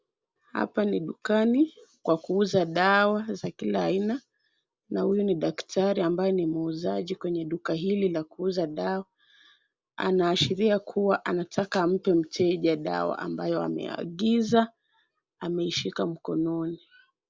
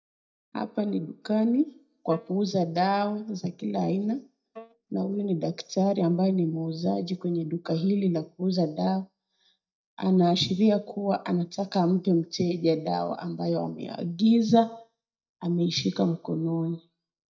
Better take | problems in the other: first | noise reduction (neural mask model DeepFilterNet 3)

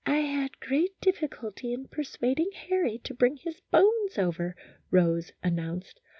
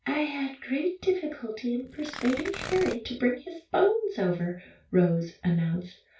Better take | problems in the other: first | background sound (Tearing); 10 dB below the speech // room echo; dies away in 0.2 s

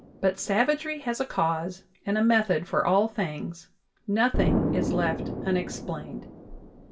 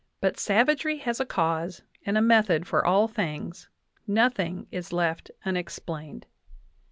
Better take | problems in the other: second | background sound (Explosion); 6 dB below the speech // room echo; dies away in 0.2 s

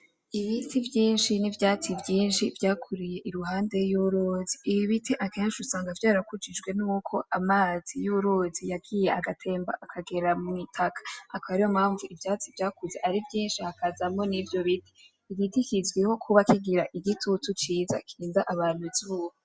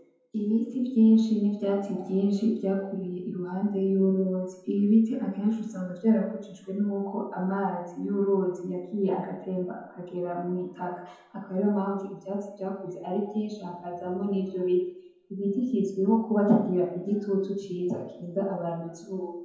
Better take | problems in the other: first | room echo; dies away in 0.9 s

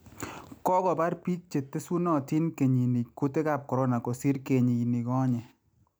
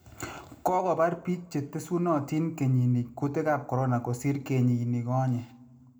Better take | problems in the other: first | room echo; dies away in 0.4 s

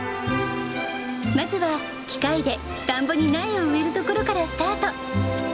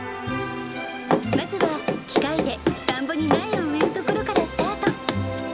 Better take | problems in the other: first | background sound (Run); 2 dB above the speech

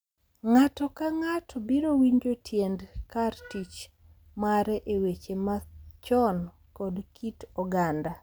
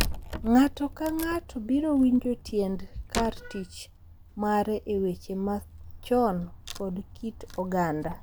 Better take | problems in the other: first | background sound (Wood); 10 dB below the speech

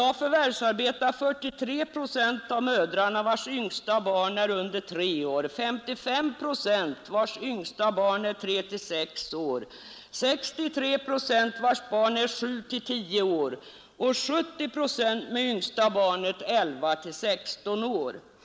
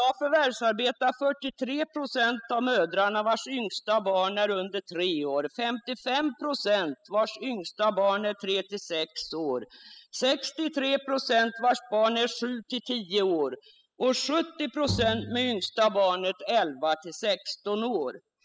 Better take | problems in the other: first | noise reduction (classical method spectral subtraction)

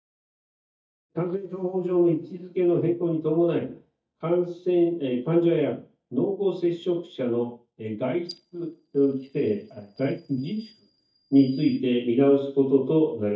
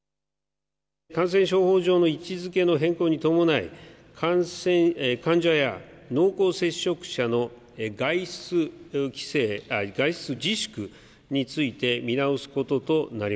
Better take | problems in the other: second | noise reduction (neural mask model DeepFilterNet 3)

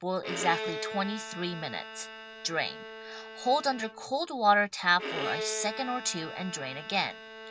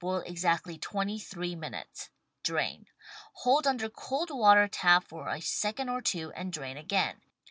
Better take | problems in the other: second | background sound (Bowed string instrument); 8 dB below the speech

